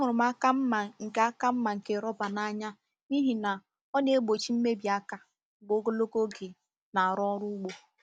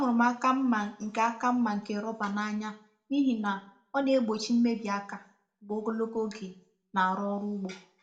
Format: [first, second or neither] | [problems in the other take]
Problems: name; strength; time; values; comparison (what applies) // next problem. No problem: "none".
first | room echo; dies away in 0.4 s